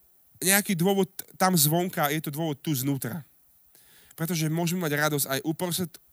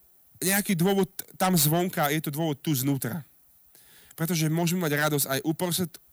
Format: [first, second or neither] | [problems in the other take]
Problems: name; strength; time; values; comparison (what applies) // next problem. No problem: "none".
first | distortion; slight; 3% of the sound clipped